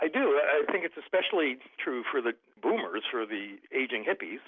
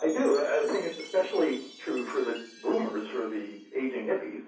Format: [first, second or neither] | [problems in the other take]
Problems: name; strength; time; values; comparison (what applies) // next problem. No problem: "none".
first | background sound (Chime); 20 dB below the speech // room echo; dies away in 0.6 s